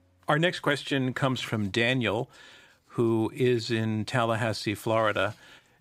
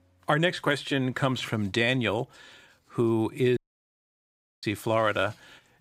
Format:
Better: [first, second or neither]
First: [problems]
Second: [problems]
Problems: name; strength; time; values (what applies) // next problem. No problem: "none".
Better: first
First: none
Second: audio cutting out; at 3.5 s for 1 s